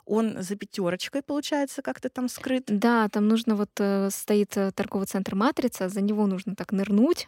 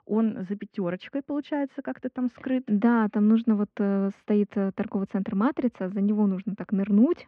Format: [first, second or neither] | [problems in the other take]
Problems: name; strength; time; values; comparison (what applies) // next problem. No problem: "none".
first | muffled; very; fading above 2.5 kHz